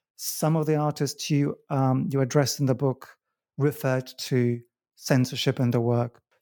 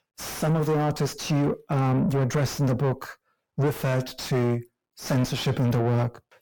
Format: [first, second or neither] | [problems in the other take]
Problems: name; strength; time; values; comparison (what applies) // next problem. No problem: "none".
first | distortion; heavy; 5 dB below the speech